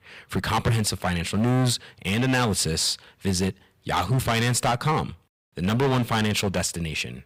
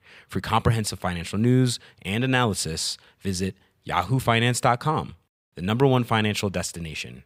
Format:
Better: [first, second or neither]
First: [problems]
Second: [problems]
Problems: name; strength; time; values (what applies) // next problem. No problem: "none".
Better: second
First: distortion; heavy; 12% of the sound clipped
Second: none